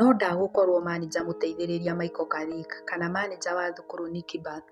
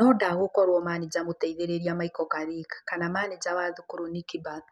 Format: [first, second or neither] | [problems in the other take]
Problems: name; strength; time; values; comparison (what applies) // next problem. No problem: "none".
second | background sound (Guitar); 18 dB below the speech